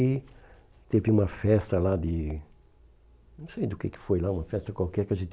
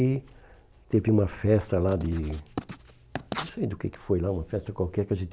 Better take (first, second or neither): first